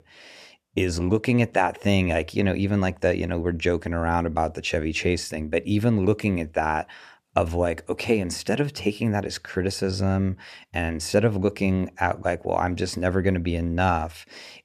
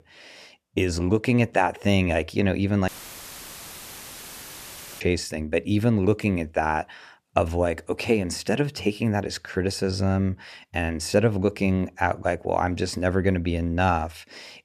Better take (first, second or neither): first